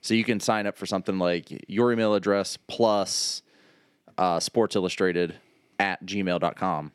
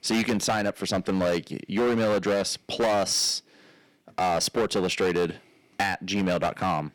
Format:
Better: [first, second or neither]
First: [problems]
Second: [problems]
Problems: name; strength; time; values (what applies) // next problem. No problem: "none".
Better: first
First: none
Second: distortion; heavy; 13% of the sound clipped